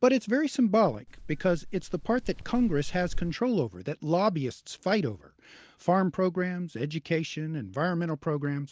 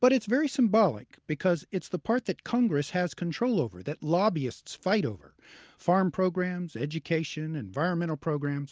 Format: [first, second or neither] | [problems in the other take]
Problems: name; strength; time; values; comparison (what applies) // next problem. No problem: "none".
second | background sound (Wind); 8 dB below the speech